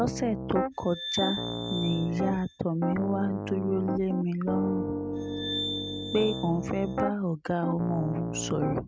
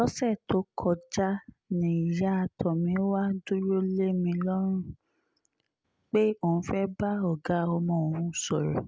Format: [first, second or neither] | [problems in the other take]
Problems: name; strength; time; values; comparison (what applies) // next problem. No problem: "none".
second | background sound (Piano + Glass); 4 dB below the speech